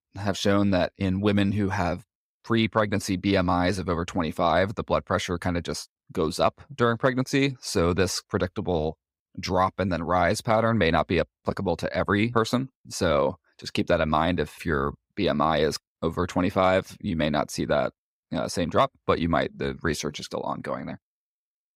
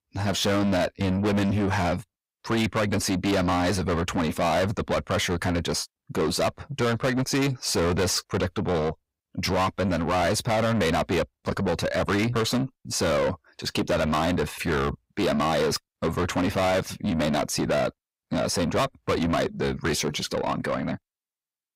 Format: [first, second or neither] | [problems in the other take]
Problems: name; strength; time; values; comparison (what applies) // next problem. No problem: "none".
first | distortion; heavy; 6 dB below the speech